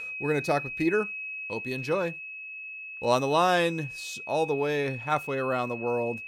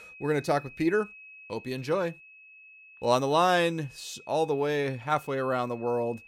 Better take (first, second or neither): second